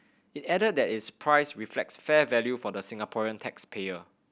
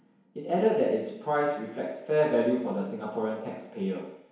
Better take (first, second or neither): first